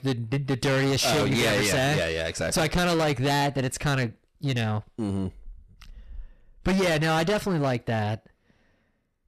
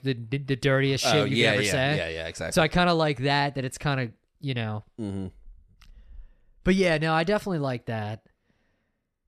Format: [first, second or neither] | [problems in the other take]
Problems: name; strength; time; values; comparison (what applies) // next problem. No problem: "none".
second | distortion; heavy; 19% of the sound clipped